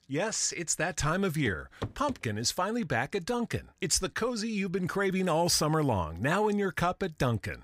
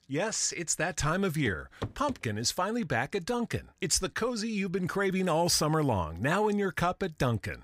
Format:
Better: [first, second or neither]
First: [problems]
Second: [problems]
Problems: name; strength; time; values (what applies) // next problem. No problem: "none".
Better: neither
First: footsteps; faint; at 1.5 s; peak 10 dB below the speech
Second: footsteps; faint; at 1.5 s; peak 10 dB below the speech